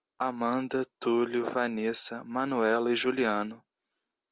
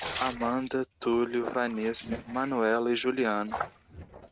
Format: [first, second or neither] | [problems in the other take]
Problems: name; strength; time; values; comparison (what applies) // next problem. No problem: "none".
first | noise reduction (neural mask model RNNoise)